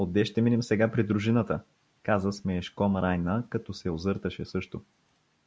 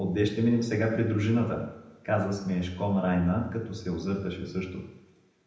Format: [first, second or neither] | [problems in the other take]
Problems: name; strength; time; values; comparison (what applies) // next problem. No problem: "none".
first | room echo; dies away in 0.8 s